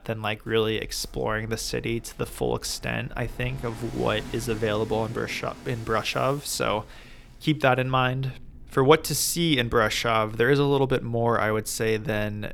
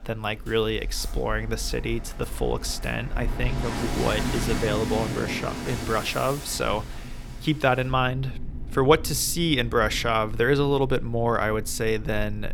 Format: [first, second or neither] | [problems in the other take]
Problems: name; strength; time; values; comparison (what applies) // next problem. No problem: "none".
first | rain or running water; loud; throughout; 8 dB below the speech; faint in the first